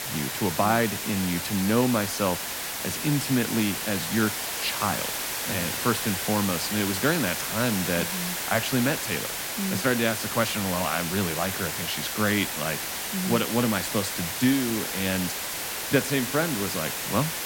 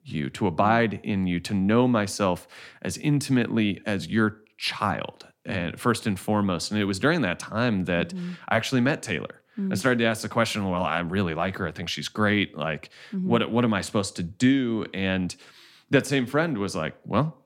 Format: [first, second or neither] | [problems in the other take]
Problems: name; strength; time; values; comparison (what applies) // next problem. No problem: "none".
second | hiss; loud; throughout; 2 dB below the speech